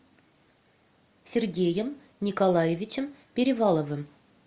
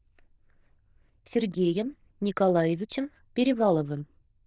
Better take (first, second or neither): first